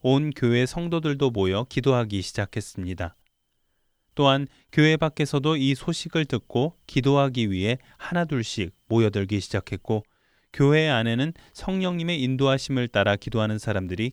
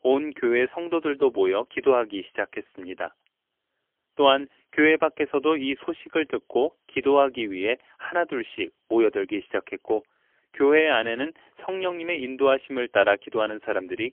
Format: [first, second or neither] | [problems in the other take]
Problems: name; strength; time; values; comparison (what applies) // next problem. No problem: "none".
first | phone-call audio; poor line; nothing above 3.5 kHz